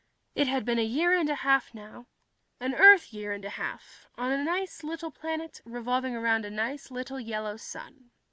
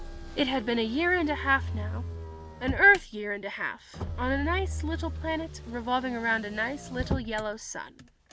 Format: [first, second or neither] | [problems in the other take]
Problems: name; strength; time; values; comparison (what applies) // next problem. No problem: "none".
first | background sound (Motor vehicle (road)); 7 dB below the speech